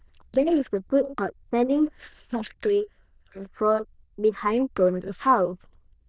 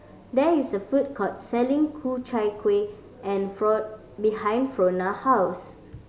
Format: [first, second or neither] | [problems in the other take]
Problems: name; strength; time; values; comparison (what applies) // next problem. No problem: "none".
second | noise reduction (neural diffusion model UNIVERSE++)